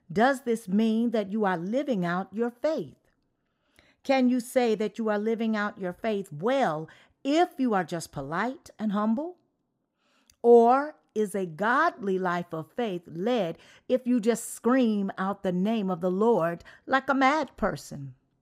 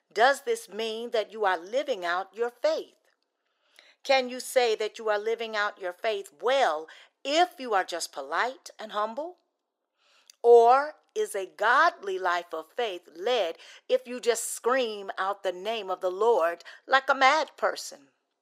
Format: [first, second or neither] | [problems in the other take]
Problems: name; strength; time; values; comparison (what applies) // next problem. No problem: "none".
first | thin; very; fading below 400 Hz